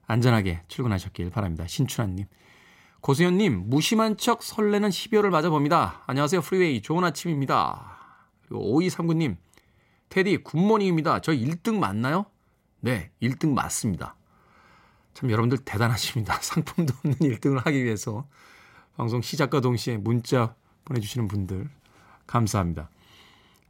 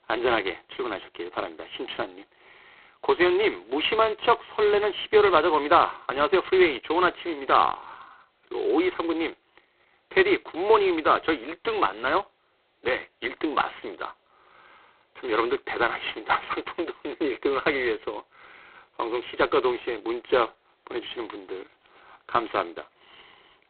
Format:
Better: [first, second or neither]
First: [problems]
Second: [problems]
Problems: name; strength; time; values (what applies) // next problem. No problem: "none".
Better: first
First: none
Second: phone-call audio; poor line; nothing above 4 kHz